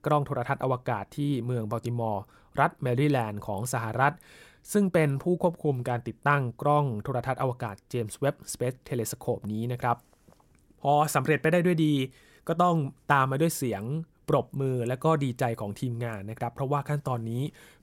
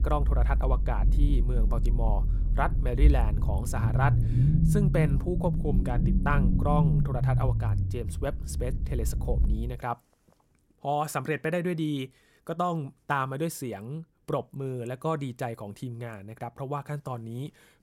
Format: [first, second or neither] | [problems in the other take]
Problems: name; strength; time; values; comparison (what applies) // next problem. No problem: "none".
first | low rumble; loud; until 9.5 s; 7 dB below the speech